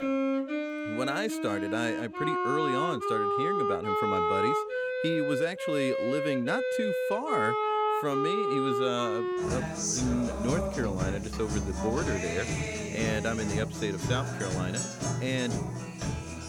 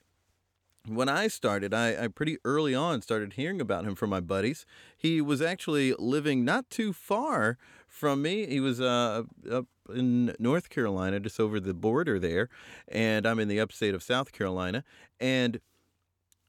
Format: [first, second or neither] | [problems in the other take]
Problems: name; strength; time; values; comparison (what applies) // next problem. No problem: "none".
second | background music; very loud; throughout; 2 dB above the speech